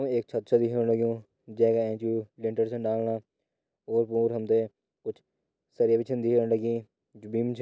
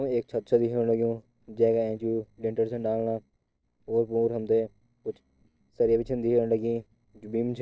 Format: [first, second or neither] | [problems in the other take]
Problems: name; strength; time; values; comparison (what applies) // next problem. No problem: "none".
first | noise reduction (neural separator model SepFormer DNS4)